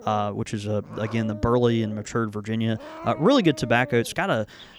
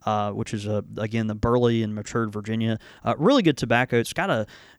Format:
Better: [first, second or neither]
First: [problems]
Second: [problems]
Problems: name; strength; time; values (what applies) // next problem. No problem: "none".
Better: second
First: animal sounds; noticeable; throughout; 15 dB below the speech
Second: none